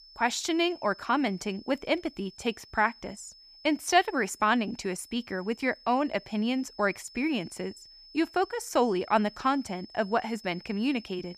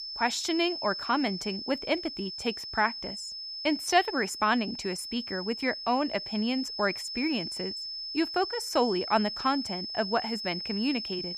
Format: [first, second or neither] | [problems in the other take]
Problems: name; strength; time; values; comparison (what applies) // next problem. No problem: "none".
first | high-pitched whine; loud; throughout; 5 kHz, 5 dB below the speech; faint in the first